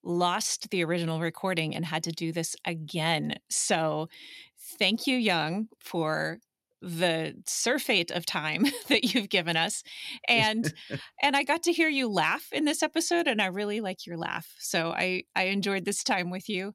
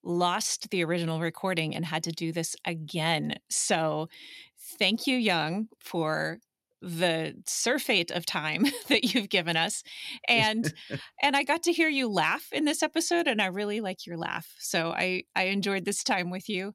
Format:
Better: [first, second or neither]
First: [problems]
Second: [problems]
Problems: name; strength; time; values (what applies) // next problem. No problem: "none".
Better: neither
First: none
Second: none